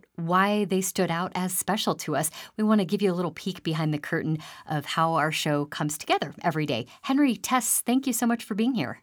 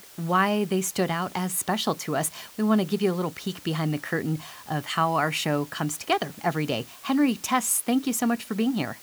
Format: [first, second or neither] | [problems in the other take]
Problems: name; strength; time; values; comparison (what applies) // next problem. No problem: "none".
first | hiss; noticeable; throughout; 20 dB below the speech